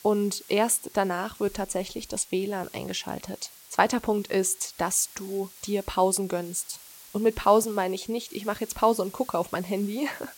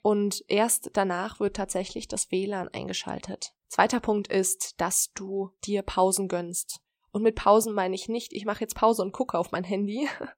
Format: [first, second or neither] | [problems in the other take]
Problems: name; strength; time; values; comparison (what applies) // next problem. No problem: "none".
second | hiss; noticeable; throughout; 20 dB below the speech